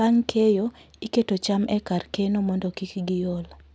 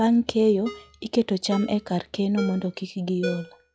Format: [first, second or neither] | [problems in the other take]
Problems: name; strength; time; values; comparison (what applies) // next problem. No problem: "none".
first | noise reduction (classical method log-MMSE)